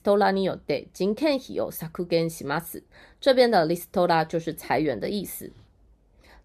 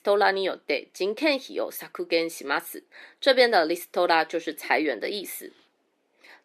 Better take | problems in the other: first | thin; somewhat; fading below 300 Hz

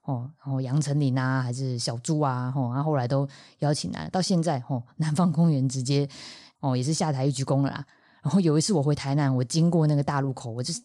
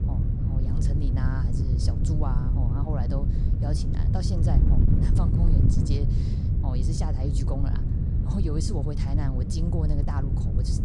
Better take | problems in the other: first | wind noise on the microphone; heavy; 1 dB above the speech

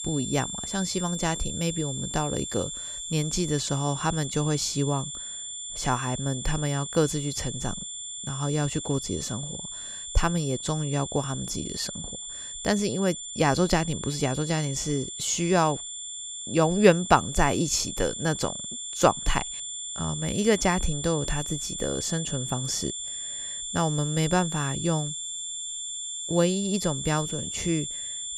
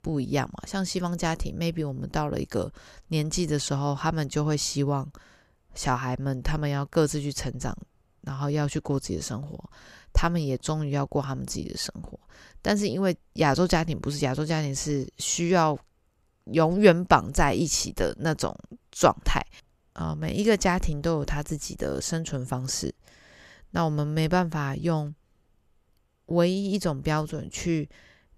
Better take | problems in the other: second | high-pitched whine; loud; throughout; 7 kHz, 6 dB below the speech

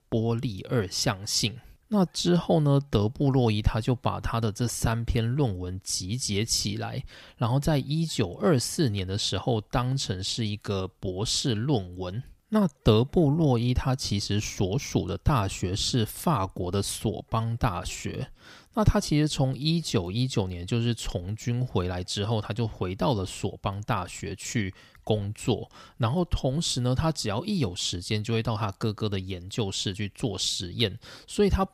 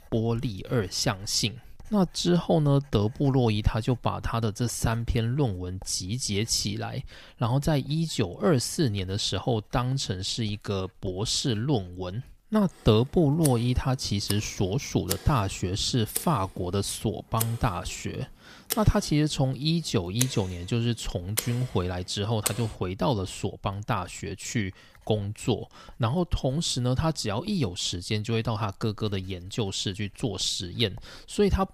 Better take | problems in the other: first | household noises; loud; throughout; 8 dB below the speech

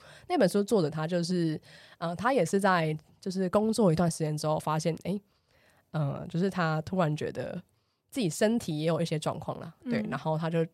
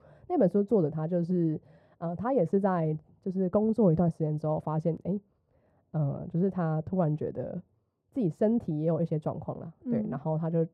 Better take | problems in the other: first | muffled; very; fading above 1.5 kHz

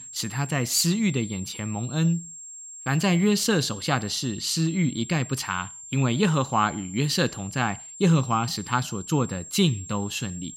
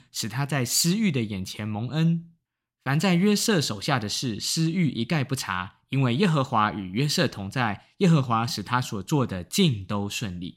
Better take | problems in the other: second | high-pitched whine; noticeable; throughout; 7.5 kHz, 15 dB below the speech

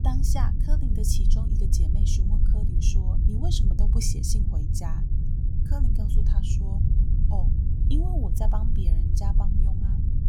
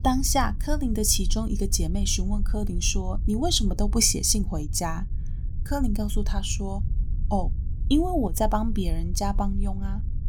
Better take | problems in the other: second | low rumble; loud; throughout; 3 dB below the speech; faint in the second

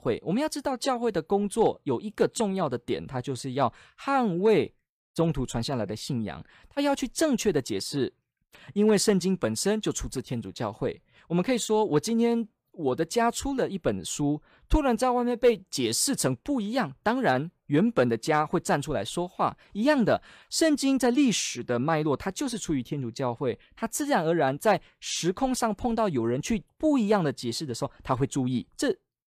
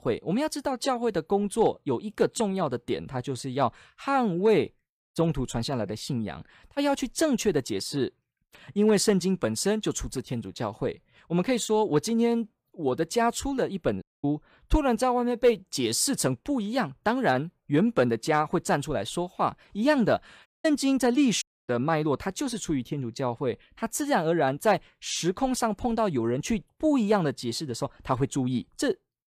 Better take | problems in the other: first | audio cutting out; at 14 s, at 20 s and at 21 s

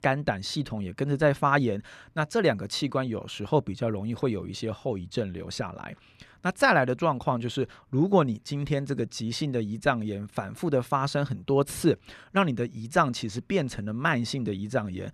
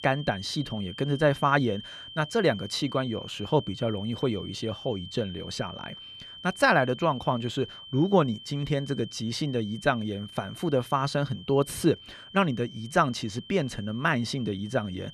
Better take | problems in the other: first | high-pitched whine; noticeable; throughout; 3 kHz, 15 dB below the speech

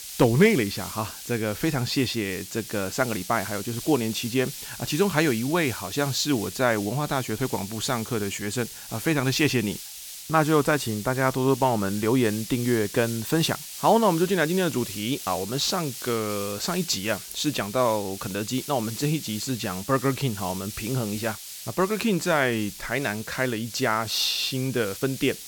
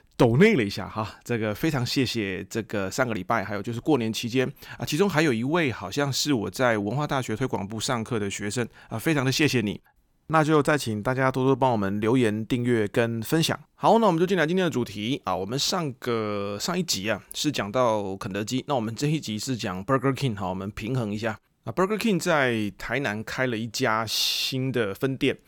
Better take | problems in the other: second | hiss; noticeable; throughout; 10 dB below the speech

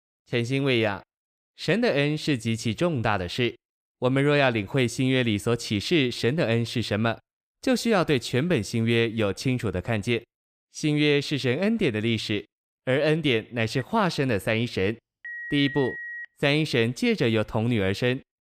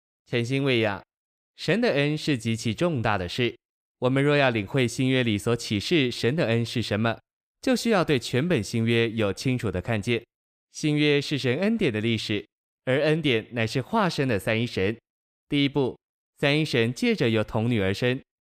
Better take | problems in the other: second | phone ringing; noticeable; from 14 to 16 s; peak 9 dB below the speech

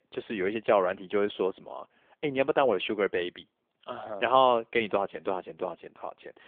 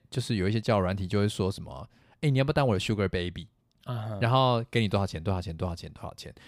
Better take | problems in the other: second | phone-call audio; poor line; nothing above 3.5 kHz

